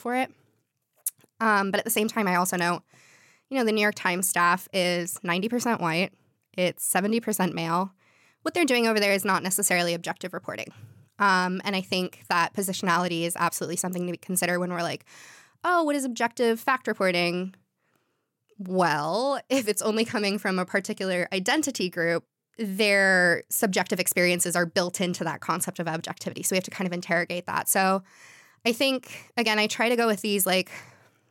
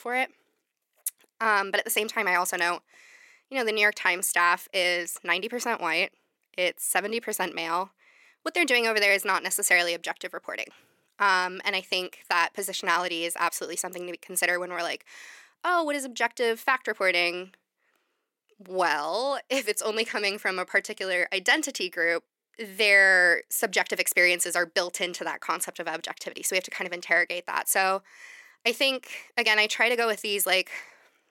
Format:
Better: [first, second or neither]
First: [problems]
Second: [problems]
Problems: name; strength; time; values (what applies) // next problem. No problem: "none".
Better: first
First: none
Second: thin; somewhat; fading below 350 Hz